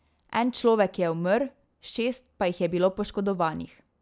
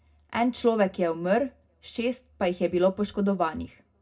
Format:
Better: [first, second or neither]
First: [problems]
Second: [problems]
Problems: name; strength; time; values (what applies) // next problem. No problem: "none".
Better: first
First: none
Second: room echo; dies away in 0.2 s